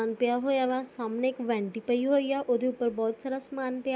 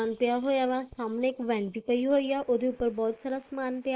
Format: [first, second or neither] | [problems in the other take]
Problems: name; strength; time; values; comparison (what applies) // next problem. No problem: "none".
first | noise reduction (neural mask model Resemble Enhance denoiser)